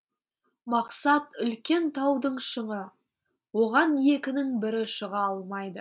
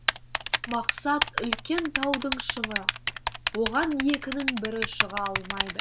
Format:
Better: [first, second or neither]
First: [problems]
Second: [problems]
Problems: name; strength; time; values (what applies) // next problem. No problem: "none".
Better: first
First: none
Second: background sound (Typing); as loud as the speech